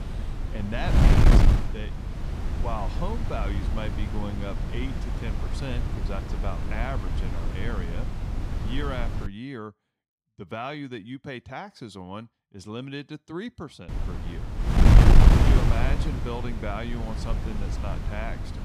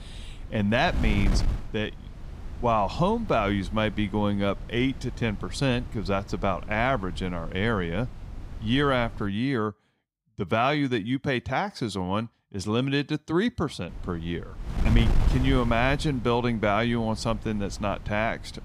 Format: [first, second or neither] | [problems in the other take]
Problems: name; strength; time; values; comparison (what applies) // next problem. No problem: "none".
second | wind noise on the microphone; heavy; until 9.5 s and from 14 s on; 2 dB above the speech; occasional gusts in the second